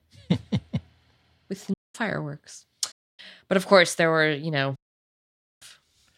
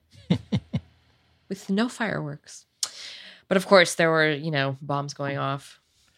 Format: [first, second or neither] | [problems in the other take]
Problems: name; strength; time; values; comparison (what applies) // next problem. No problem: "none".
second | audio cutting out; at 1.5 s, at 3 s and at 5 s for 1 s